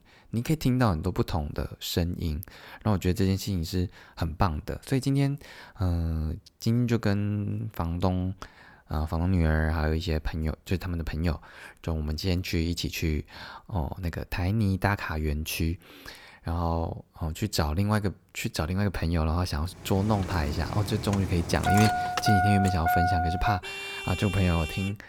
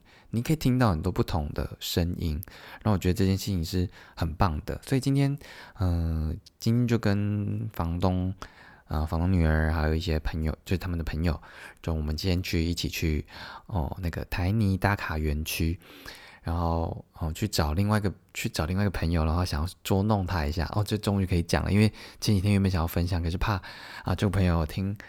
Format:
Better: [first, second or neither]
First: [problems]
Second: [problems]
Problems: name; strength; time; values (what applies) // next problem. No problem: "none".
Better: second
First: traffic noise; loud; from 20 s on; 1 dB below the speech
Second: none